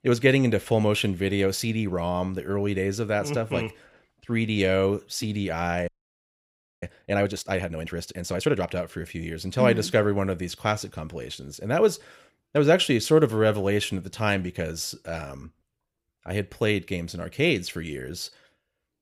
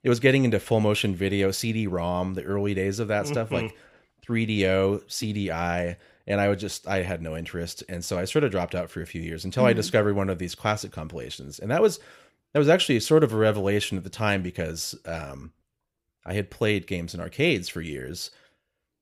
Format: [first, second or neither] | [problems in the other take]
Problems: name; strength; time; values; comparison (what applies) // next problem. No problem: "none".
second | audio freezing; at 6 s for 1 s